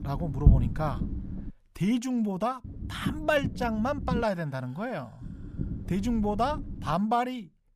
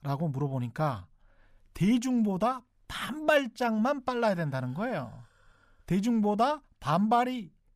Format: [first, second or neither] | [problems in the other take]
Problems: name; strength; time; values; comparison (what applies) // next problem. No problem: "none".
second | low rumble; noticeable; until 1.5 s, from 2.5 to 4 s and from 5 to 7 s; 15 dB below the speech